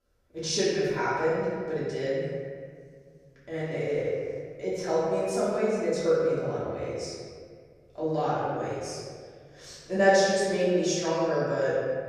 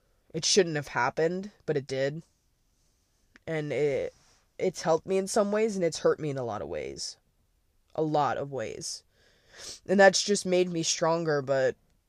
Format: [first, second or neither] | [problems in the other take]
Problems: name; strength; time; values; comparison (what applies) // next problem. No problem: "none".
second | off-mic speech; far // room echo; strong; dies away in 1.9 s